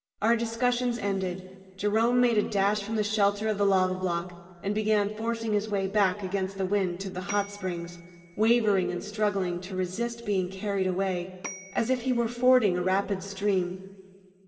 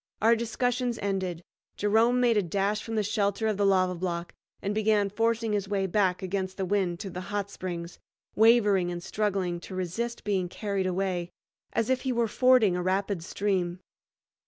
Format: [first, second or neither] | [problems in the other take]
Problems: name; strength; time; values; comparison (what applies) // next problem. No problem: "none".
second | background sound (Bell / Telephone); 19 dB below the speech // room echo; dies away in 2 s